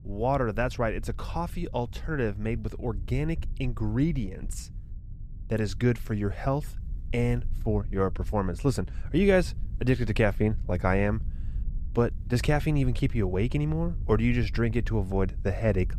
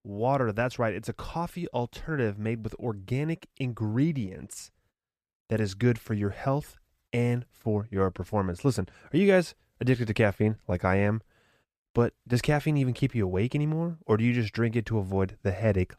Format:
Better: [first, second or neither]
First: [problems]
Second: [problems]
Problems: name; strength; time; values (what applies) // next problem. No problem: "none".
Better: second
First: low rumble; faint; throughout; 25 dB below the speech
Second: none